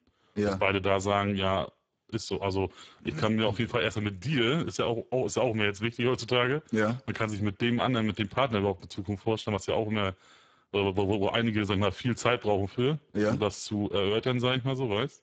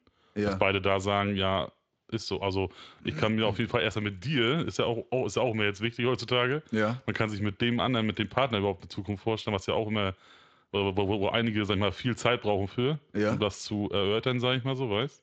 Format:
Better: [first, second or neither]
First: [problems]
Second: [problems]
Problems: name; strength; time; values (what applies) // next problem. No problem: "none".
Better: second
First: garbled, watery; badly; nothing above 7.5 kHz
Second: garbled, watery; slightly; nothing above 7.5 kHz